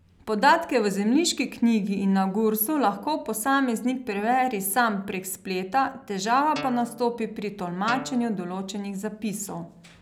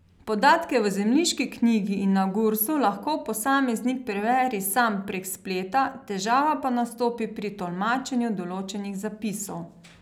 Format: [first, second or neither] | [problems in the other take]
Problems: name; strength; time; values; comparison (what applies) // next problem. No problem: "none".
second | background sound (Guitar); 14 dB below the speech